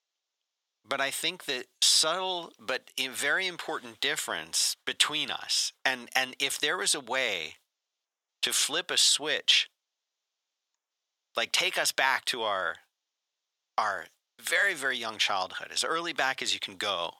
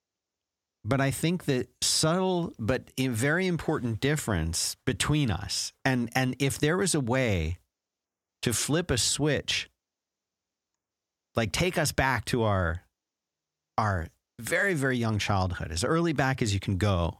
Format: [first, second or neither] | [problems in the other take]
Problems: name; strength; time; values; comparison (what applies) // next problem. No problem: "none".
second | thin; very; fading below 700 Hz